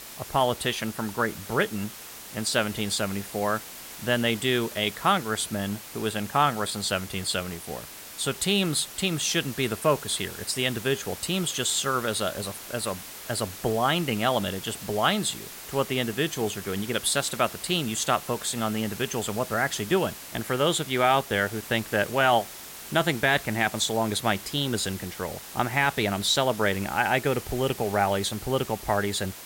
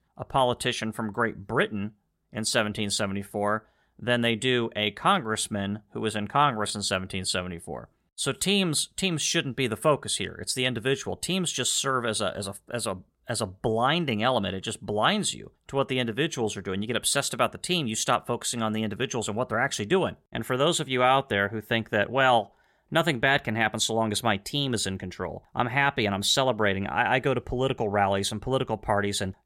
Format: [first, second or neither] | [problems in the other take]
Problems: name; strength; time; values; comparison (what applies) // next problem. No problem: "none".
second | hiss; noticeable; throughout; 10 dB below the speech